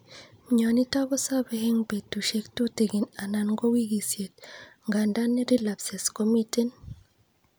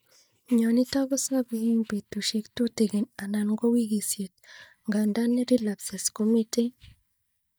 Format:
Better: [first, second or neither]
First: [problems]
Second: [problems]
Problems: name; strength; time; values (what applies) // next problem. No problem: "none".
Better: first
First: none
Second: noise reduction (neural mask model DeepFilterNet 3)